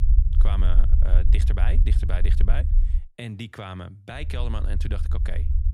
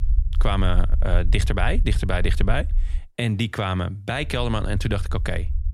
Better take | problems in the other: second | low rumble; loud; until 3 s and from 4 s on; 7 dB below the speech; faint in the second

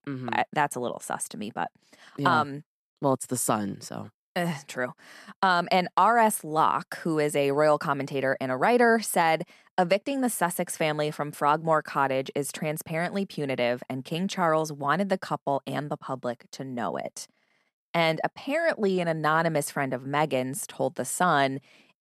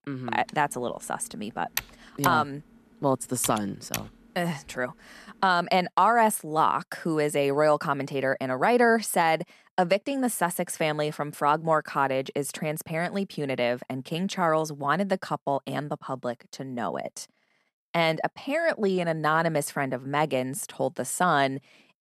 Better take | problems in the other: first | keyboard typing; noticeable; until 4 s; peak 6 dB below the speech

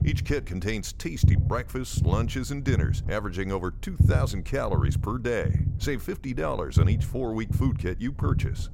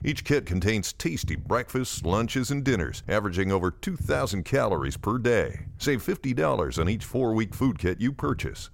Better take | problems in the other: second | low rumble; loud; throughout; 8 dB below the speech; faint in the second

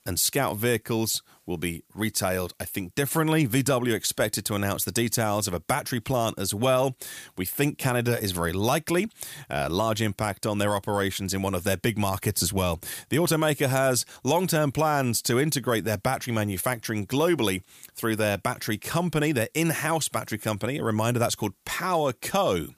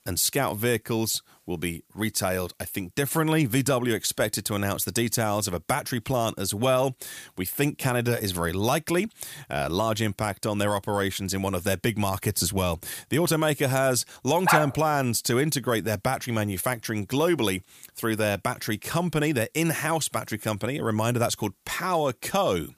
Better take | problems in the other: first | dog barking; loud; at 14 s; peak 2 dB above the speech

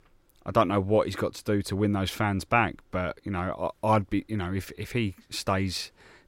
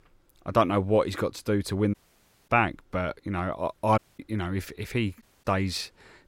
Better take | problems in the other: first | audio cutting out; at 2 s for 0.5 s, at 4 s and at 5 s

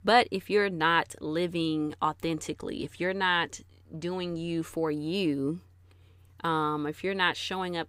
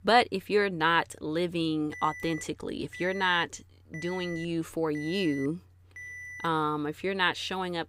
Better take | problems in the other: first | alarm; faint; from 2 to 6.5 s; peak 10 dB below the speech

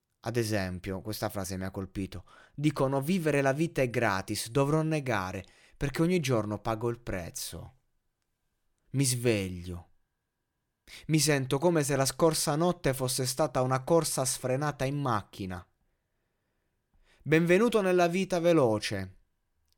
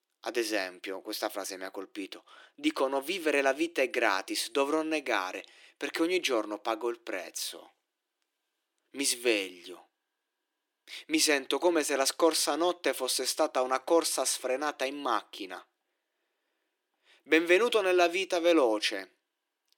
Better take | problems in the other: first | thin; somewhat; fading below 300 Hz

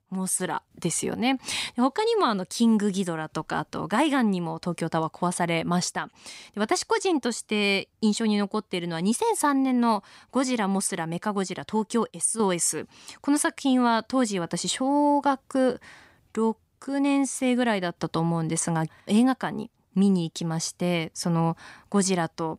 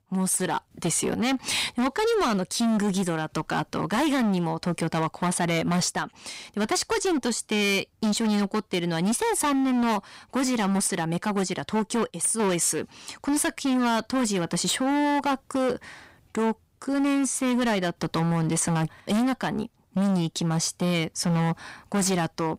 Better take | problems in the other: first | distortion; heavy; 21% of the sound clipped

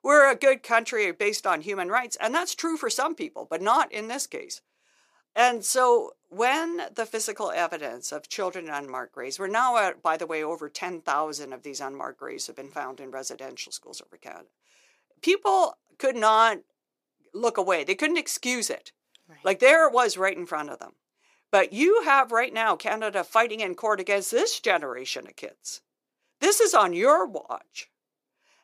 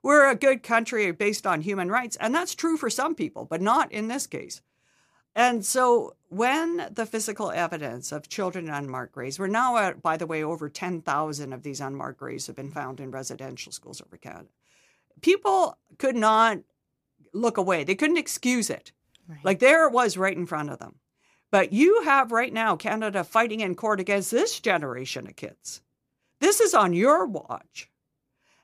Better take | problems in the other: second | thin; somewhat; fading below 450 Hz

